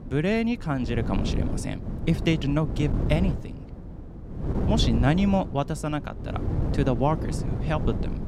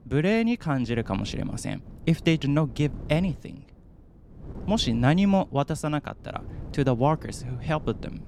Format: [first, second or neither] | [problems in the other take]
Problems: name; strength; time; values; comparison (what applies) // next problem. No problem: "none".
second | wind noise on the microphone; heavy; 8 dB below the speech; occasional gusts in the second